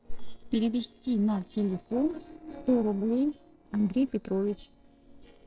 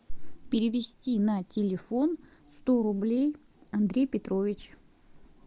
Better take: second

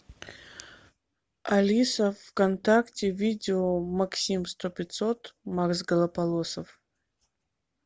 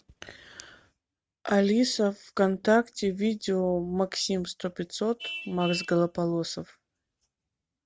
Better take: first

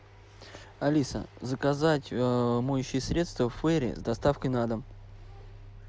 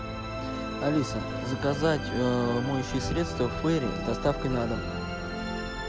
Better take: first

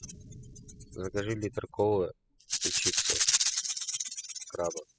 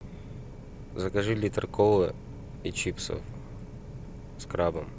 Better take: second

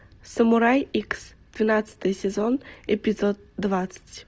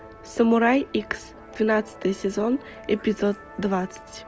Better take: first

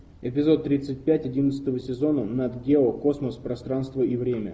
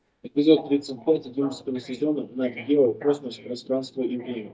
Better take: first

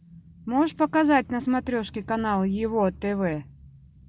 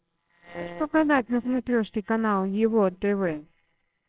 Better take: first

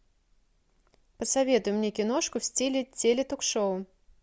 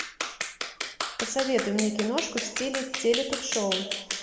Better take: first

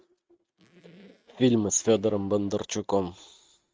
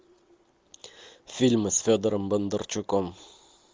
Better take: second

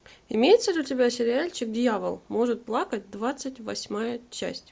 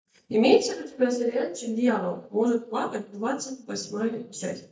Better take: first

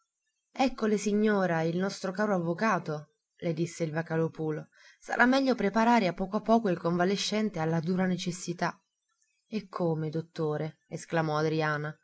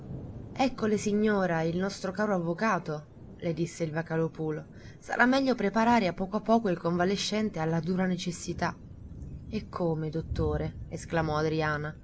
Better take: first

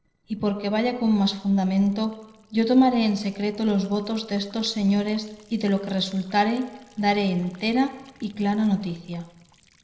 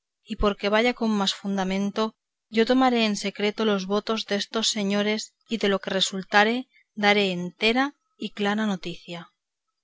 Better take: second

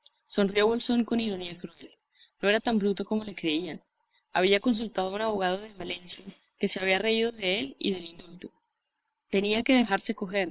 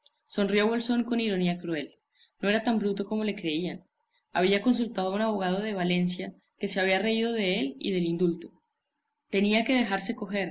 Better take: second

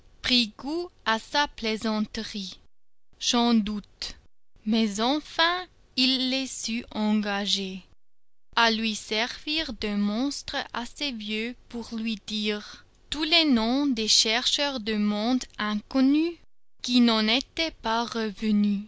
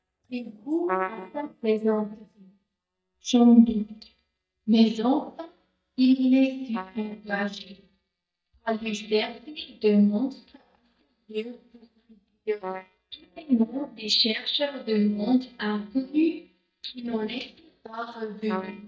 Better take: first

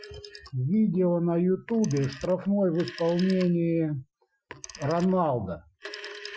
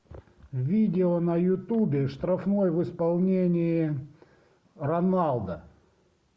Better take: second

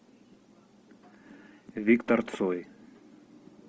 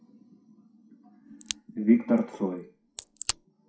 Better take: first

